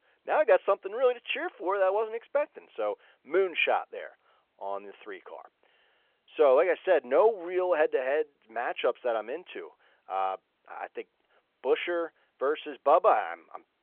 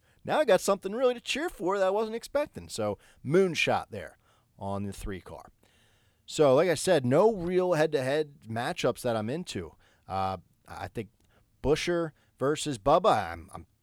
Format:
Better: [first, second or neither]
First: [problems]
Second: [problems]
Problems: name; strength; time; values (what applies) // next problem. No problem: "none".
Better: second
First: phone-call audio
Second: none